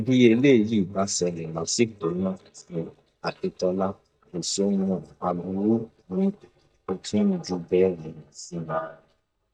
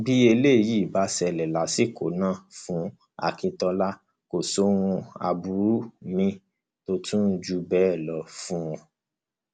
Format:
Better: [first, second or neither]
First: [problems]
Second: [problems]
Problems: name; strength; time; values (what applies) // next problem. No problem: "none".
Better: second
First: noise reduction (neural mask model DeepFilterNet 3)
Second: none